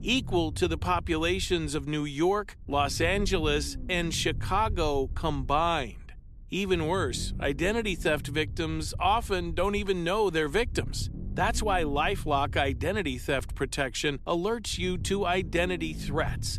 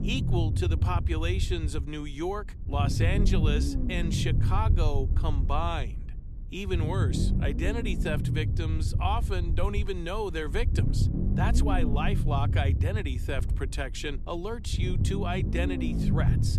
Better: first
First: low rumble; faint; throughout; 20 dB below the speech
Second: low rumble; loud; throughout; 6 dB below the speech

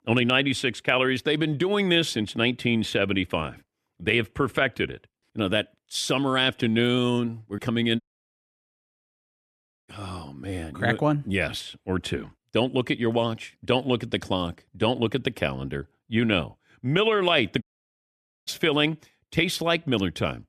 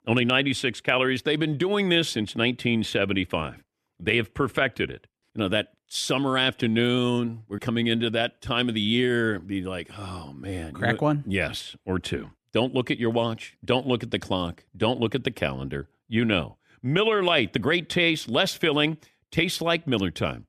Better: second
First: audio cutting out; at 8 s for 2 s and at 18 s for 1 s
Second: none

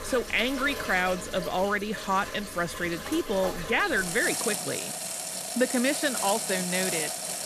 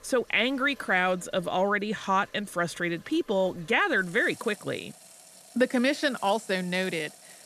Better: second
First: household noises; loud; throughout; 4 dB below the speech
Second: household noises; faint; throughout; 20 dB below the speech

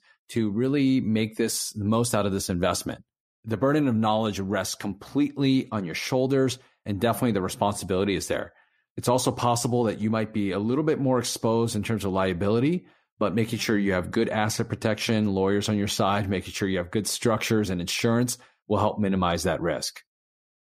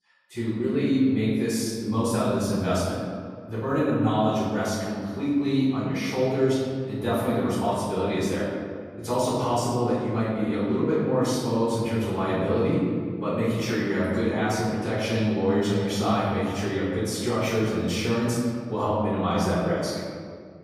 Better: first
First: none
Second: off-mic speech; far // room echo; strong; dies away in 1.9 s

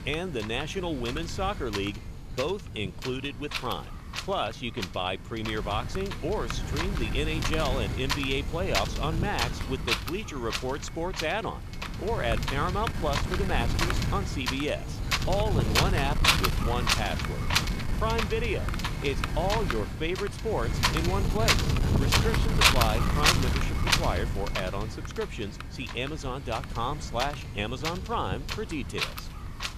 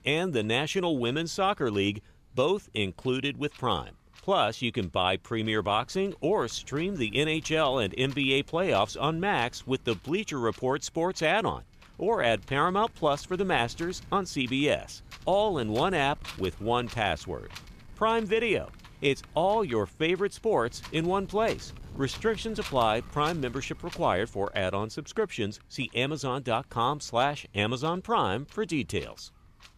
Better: second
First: wind noise on the microphone; heavy; 2 dB above the speech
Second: wind noise on the microphone; occasional gusts; 20 dB below the speech

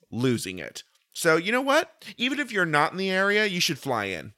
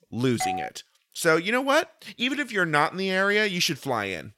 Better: first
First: none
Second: doorbell; noticeable; at 0.5 s; peak 6 dB below the speech

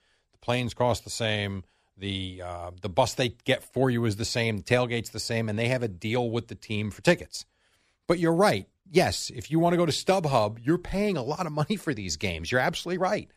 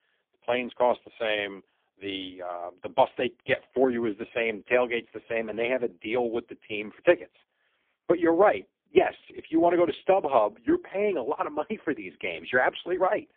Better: first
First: none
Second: phone-call audio; poor line; nothing above 3.5 kHz

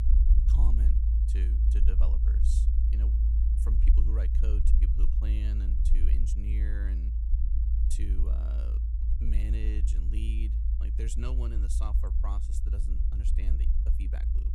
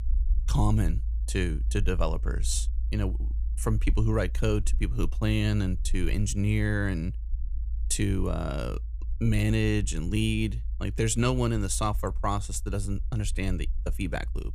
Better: second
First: low rumble; loud; throughout; as loud as the speech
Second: low rumble; faint; throughout; 20 dB below the speech

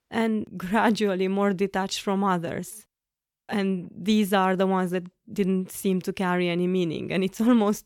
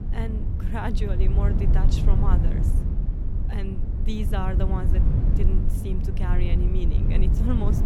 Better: first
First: none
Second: low rumble; loud; throughout; 3 dB below the speech

